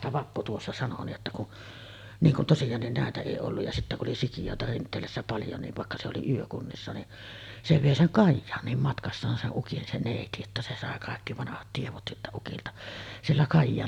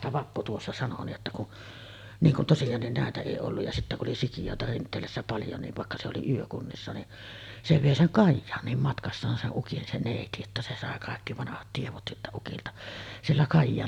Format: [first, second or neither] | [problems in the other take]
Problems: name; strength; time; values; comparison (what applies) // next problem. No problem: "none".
first | background sound (Cowbell); 18 dB below the speech